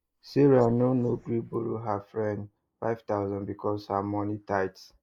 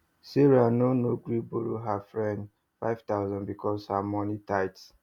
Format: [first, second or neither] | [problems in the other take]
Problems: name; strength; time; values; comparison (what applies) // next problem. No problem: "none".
second | noise reduction (neural mask model Resemble Enhance denoiser)